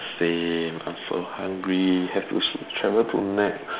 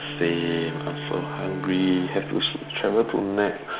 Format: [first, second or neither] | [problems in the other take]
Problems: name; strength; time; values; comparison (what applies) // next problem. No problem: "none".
first | background sound (Bowed string instrument); 10 dB below the speech